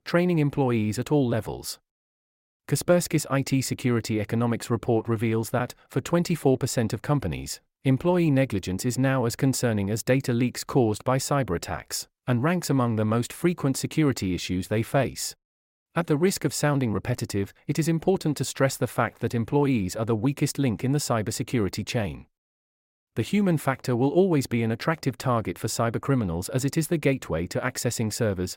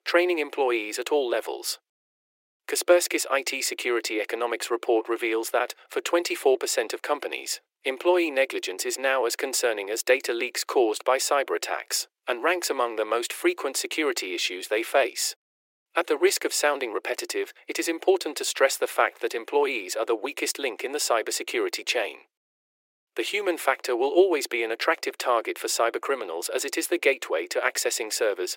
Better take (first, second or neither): first